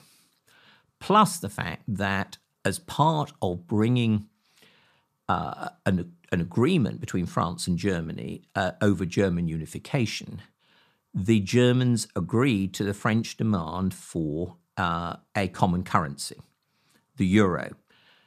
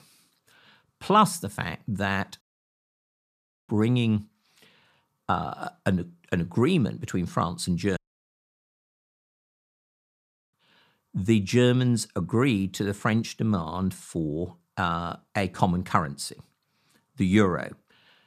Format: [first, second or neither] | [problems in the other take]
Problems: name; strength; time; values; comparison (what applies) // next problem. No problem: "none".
first | audio cutting out; at 2.5 s for 1.5 s and at 8 s for 2.5 s